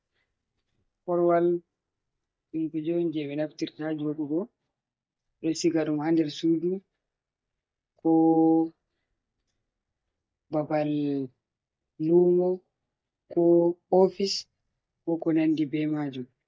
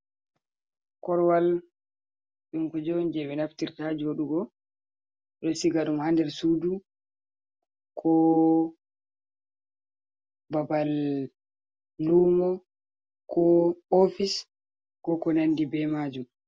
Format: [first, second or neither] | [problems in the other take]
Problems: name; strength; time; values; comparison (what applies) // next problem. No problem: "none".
second | noise reduction (neural mask model DeepFilterNet 3)